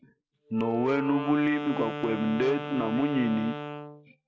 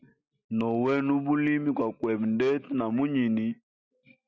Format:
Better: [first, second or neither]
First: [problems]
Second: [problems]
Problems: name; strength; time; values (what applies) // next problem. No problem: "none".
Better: second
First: background sound (Wind instrument, woodwind instrument); 8 dB below the speech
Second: none